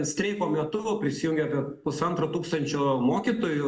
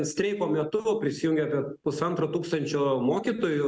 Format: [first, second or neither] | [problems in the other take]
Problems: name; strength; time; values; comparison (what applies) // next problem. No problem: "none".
second | room echo; dies away in 0.3 s